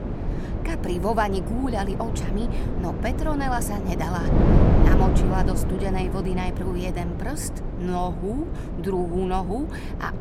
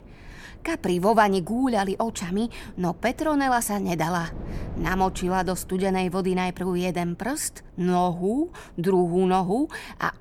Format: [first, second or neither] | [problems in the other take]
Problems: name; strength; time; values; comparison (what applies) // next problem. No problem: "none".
second | wind noise on the microphone; heavy; 3 dB below the speech; occasional gusts in the second